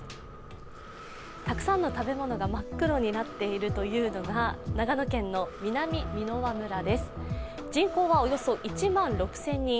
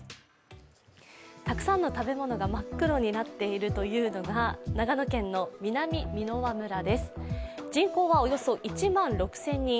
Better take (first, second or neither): second